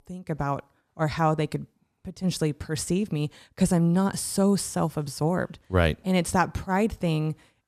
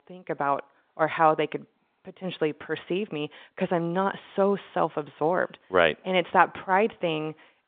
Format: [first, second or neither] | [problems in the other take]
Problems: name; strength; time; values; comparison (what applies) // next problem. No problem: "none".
first | phone-call audio